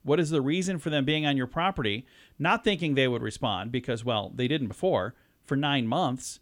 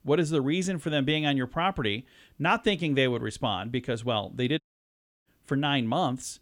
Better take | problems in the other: first | audio cutting out; at 4.5 s for 0.5 s

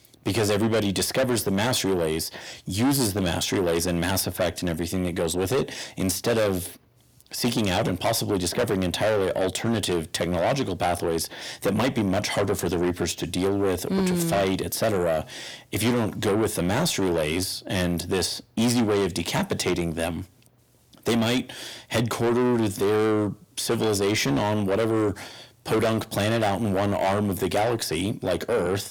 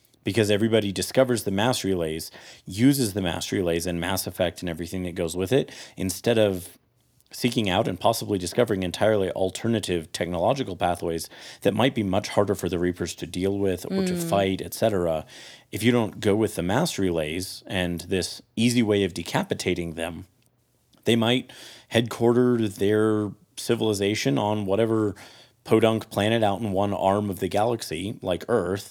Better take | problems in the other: second | distortion; heavy; 6 dB below the speech

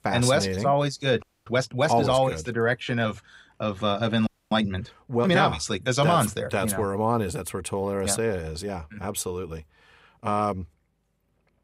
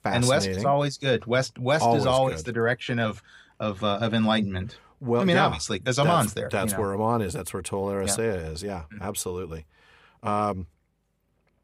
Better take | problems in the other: second | audio freezing; at 1 s and at 4.5 s

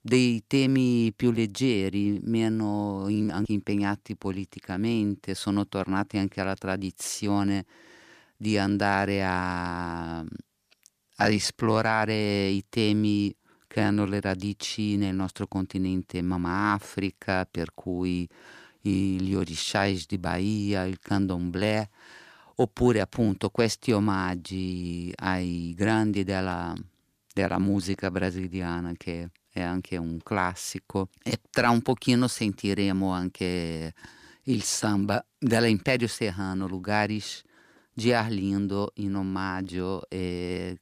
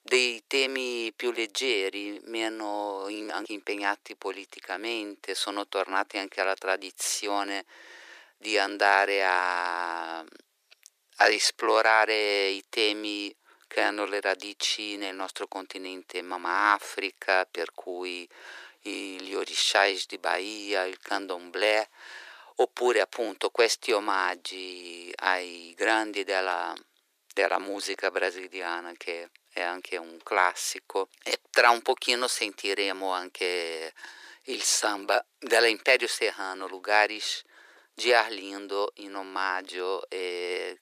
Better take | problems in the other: first | thin; very; fading below 400 Hz

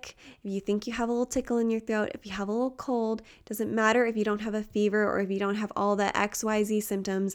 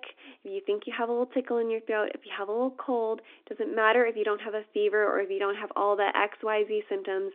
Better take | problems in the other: first | phone-call audio

